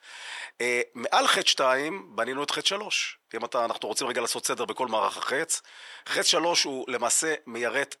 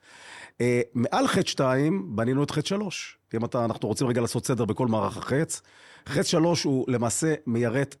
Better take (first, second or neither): second